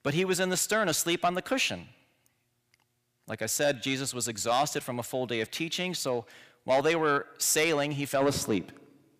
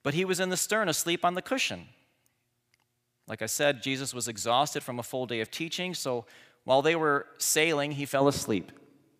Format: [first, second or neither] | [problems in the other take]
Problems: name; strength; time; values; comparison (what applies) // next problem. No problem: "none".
second | distortion; slight; 10 dB below the speech